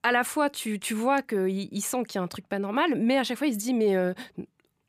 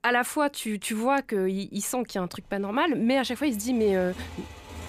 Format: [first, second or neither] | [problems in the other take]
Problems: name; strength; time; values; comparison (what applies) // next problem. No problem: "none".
first | traffic noise; noticeable; throughout; 20 dB below the speech